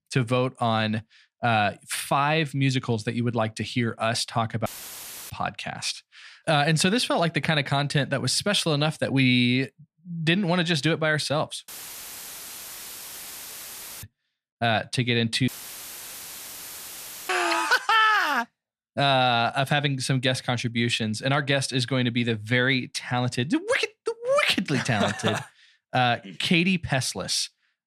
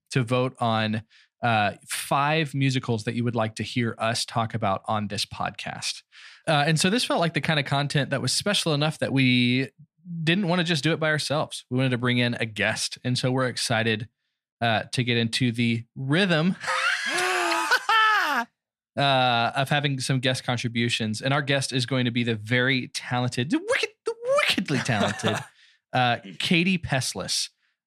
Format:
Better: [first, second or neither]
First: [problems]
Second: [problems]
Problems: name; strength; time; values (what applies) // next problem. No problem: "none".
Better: second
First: audio cutting out; filled with static; at 4.5 s for 0.5 s, at 12 s for 2.5 s and at 15 s for 2 s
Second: none